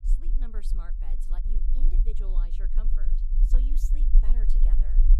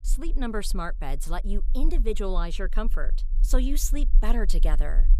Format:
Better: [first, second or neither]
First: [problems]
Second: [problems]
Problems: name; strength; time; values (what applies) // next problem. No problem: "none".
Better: second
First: low rumble; loud; throughout; 2 dB below the speech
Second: low rumble; faint; throughout; 20 dB below the speech